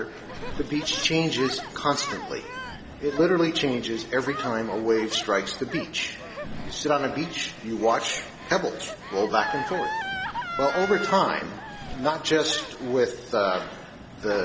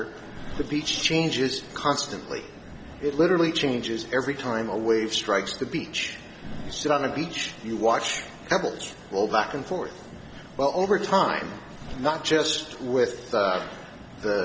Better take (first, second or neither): second